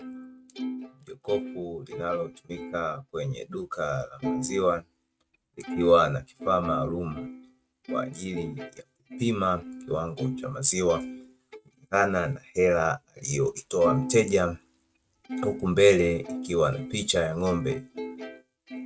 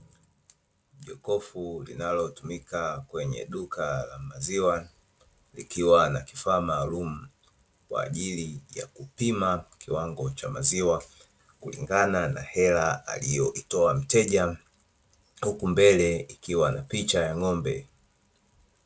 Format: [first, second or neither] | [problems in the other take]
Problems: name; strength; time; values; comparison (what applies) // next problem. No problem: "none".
second | noise reduction (neural mask model RNNoise)